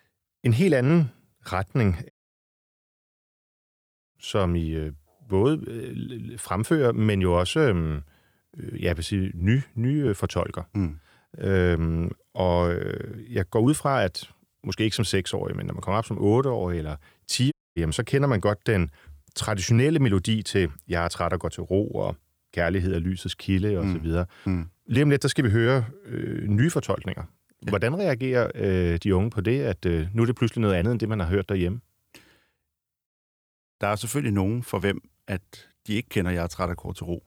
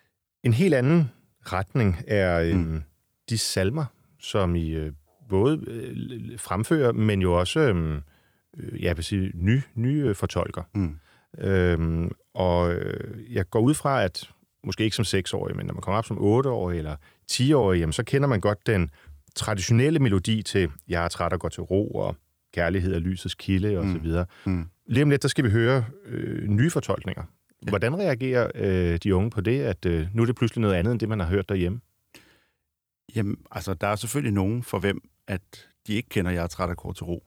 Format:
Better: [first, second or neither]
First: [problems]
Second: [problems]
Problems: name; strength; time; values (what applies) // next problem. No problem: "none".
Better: second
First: audio cutting out; at 2 s for 2 s, at 18 s and at 33 s for 0.5 s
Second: none